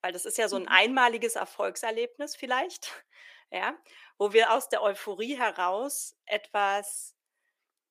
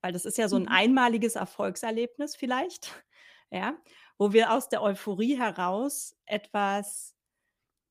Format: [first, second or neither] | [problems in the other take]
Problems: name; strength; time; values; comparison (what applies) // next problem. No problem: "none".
second | thin; somewhat; fading below 400 Hz